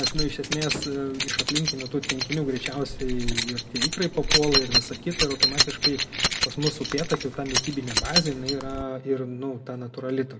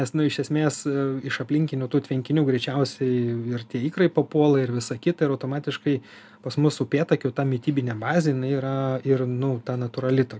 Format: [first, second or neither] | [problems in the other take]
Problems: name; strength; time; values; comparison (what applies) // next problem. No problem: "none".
second | background sound (Keys jangling); 1 dB above the speech // room echo; dies away in 0.9 s